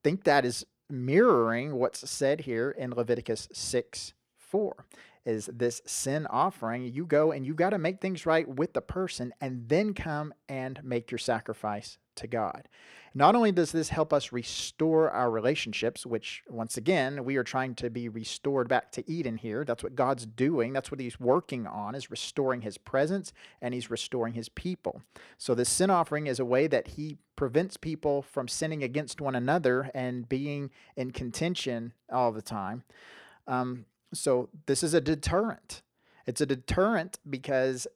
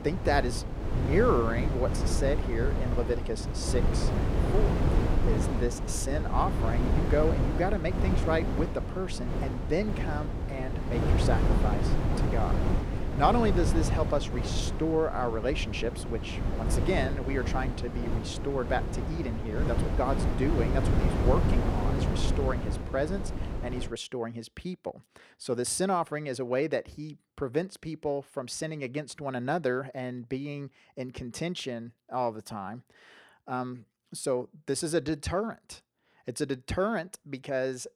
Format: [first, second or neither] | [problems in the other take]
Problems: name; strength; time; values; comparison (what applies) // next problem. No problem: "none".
first | wind noise on the microphone; heavy; until 24 s; 4 dB below the speech